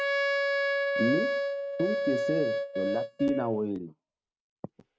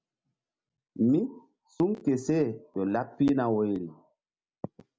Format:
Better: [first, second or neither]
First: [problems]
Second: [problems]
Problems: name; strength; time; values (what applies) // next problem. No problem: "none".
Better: second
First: noise reduction (neural mask model RNNoise)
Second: none